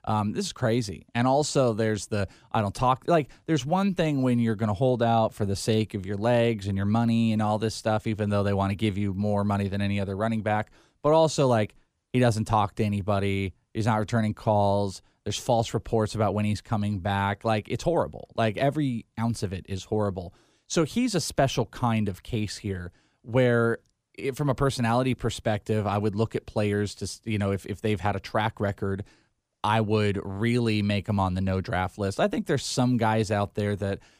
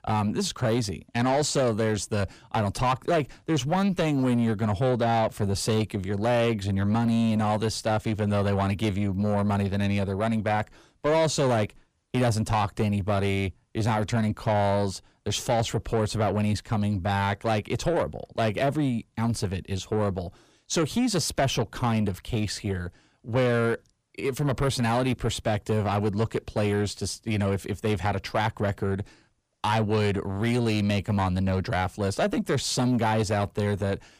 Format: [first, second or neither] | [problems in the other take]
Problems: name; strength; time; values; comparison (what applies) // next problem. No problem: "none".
first | distortion; slight; 10 dB below the speech